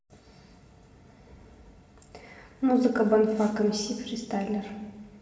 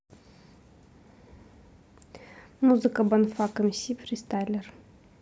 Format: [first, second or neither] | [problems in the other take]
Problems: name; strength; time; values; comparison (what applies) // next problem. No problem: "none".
second | room echo; dies away in 1.4 s